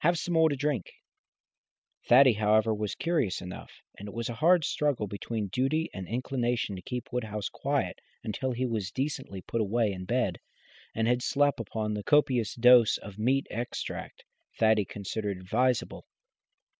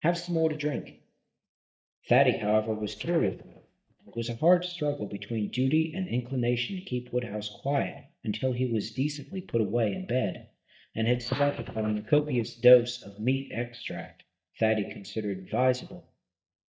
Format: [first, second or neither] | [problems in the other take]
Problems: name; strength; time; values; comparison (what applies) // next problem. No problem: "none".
first | noise reduction (neural mask model DeepFilterNet 3)